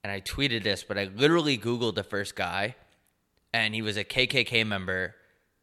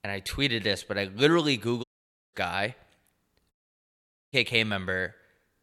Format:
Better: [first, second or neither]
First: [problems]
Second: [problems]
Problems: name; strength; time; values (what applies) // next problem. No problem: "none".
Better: first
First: none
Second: audio cutting out; at 2 s and at 3.5 s for 1 s